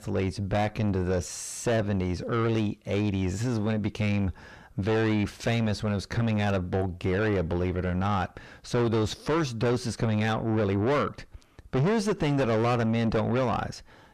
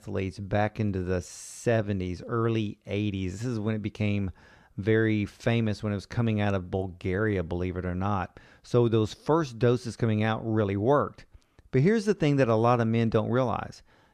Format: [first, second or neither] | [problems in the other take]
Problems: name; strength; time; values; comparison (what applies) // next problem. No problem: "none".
second | distortion; heavy; 5 dB below the speech